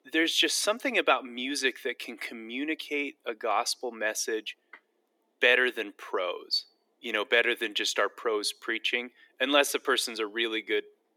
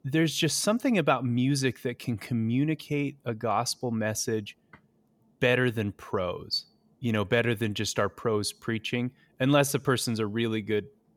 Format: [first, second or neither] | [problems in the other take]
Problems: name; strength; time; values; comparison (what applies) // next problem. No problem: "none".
second | thin; somewhat; fading below 300 Hz